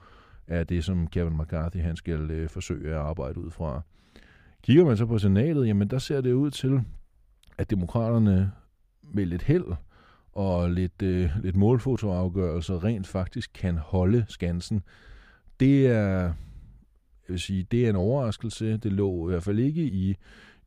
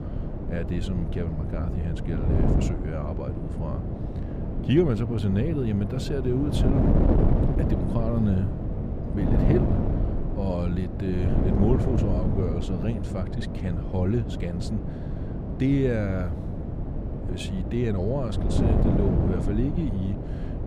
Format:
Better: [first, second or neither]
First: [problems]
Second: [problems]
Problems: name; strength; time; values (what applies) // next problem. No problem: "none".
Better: first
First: none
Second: wind noise on the microphone; heavy; 2 dB below the speech